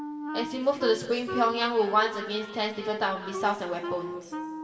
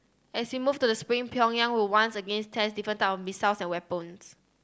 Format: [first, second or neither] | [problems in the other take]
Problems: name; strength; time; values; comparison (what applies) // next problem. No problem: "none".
second | background sound (Wind instrument, woodwind instrument); 9 dB below the speech // room echo; dies away in 2.4 s